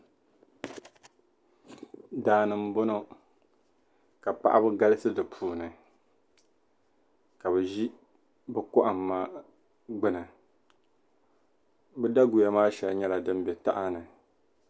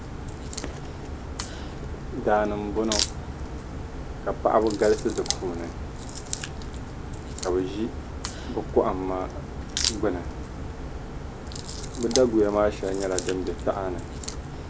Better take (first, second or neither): first